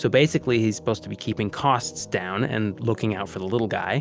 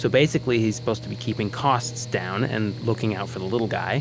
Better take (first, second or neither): first